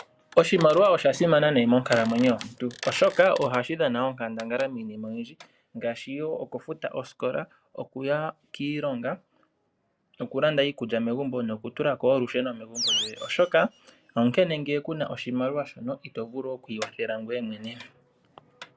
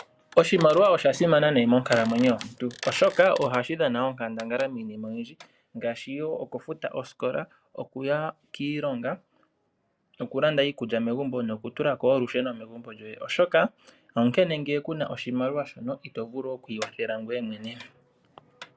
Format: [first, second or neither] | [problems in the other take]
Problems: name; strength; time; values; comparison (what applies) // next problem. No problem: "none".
second | background sound (Animal); 9 dB below the speech